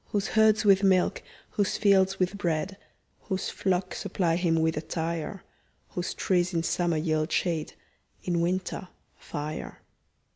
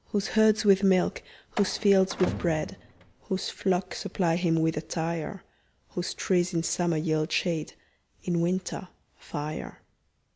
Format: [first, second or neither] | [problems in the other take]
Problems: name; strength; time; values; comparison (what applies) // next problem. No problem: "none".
first | background sound (Slam); 12 dB below the speech